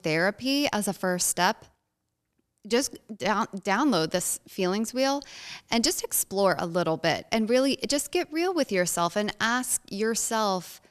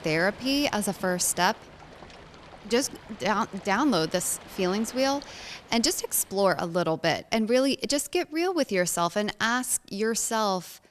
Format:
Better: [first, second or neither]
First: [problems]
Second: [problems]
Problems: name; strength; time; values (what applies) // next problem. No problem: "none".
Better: first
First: none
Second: rain or running water; faint; throughout; 20 dB below the speech